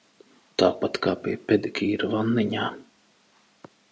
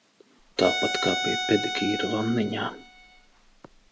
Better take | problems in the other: first | background sound (Bowed string instrument); 4 dB below the speech

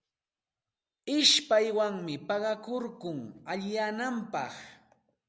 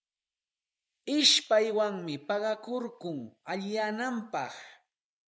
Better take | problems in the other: first | noise reduction (neural mask model Resemble Enhance denoiser)

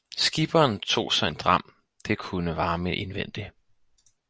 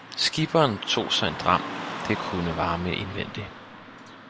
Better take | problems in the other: first | background sound (Car passing by / Traffic noise, roadway noise); 9 dB below the speech

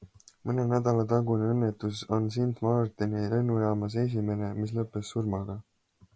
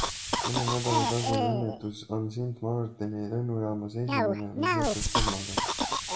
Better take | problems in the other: first | background sound (Cough); 1 dB above the speech // room echo; dies away in 0.5 s

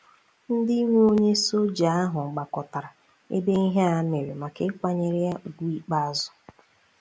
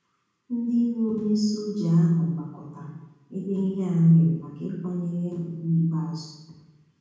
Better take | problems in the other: first | room echo; dies away in 1.2 s

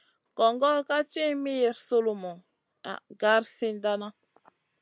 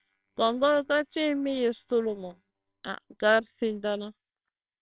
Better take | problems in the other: first | noise reduction (neural separator model SepFormer WHAMR!)

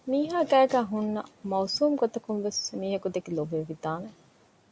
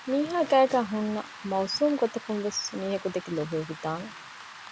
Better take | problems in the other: first | background sound (Rain); 16 dB below the speech

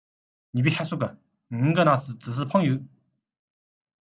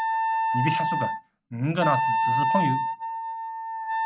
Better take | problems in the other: first | background sound (Wind instrument, woodwind instrument); 4 dB above the speech

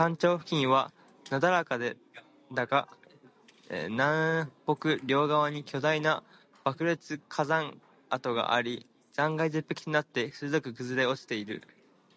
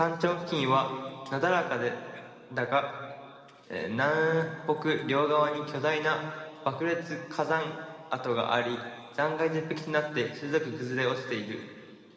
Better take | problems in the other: first | room echo; dies away in 2 s

